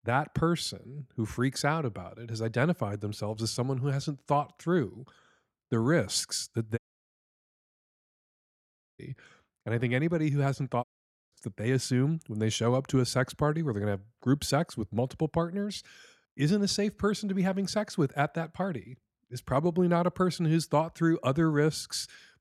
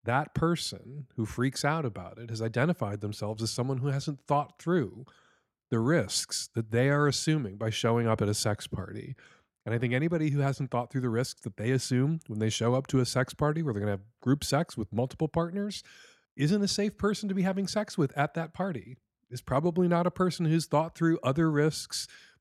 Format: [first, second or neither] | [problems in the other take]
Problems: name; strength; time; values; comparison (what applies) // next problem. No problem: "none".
second | audio cutting out; at 7 s for 2 s and at 11 s